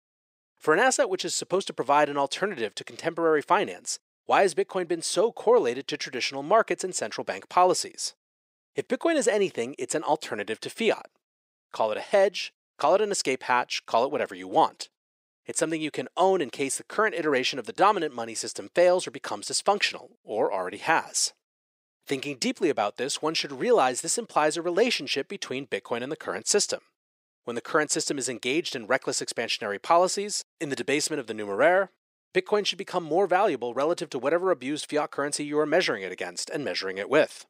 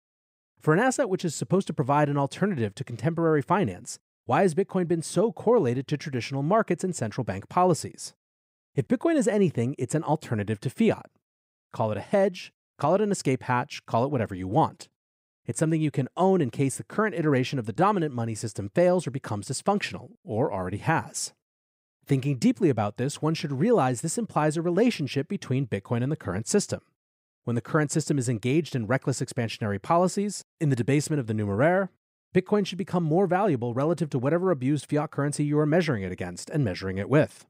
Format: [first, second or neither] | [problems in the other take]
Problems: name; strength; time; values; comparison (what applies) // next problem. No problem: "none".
second | thin; somewhat; fading below 450 Hz